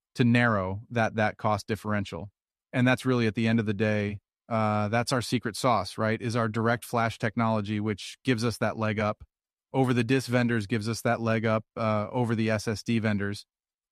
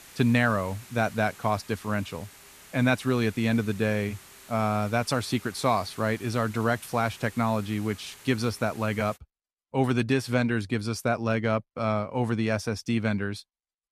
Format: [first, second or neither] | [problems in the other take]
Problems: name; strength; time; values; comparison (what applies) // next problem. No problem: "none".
first | hiss; noticeable; until 9 s; 20 dB below the speech